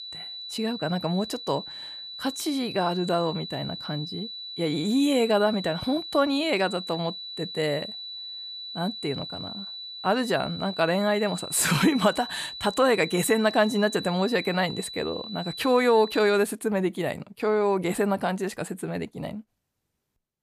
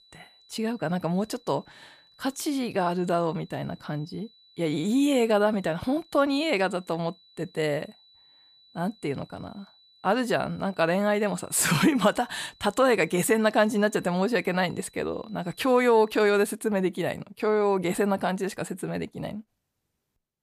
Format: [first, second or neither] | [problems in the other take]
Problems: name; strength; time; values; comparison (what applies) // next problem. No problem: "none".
second | high-pitched whine; loud; until 16 s; 4 kHz, 10 dB below the speech; faint in the second